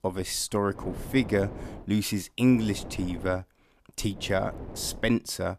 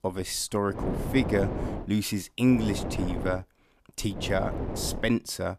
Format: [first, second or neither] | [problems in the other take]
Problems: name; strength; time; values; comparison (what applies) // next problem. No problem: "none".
first | wind noise on the microphone; heavy; from 1 to 2 s, at 2.5 s and at 4 s; 7 dB below the speech; occasional gusts in the first